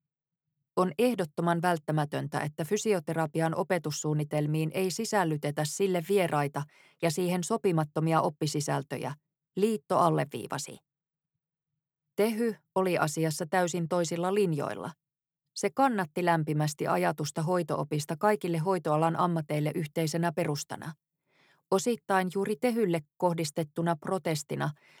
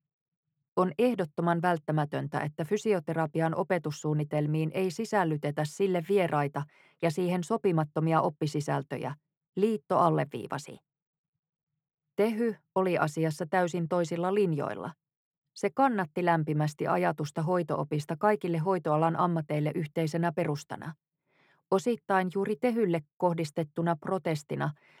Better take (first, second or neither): first